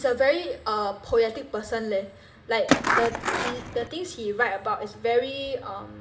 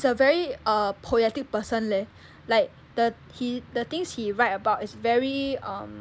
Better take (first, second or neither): second